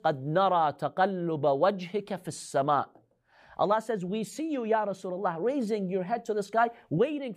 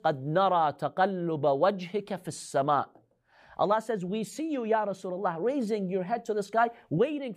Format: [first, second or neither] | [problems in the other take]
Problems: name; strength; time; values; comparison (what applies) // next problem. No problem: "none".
neither | none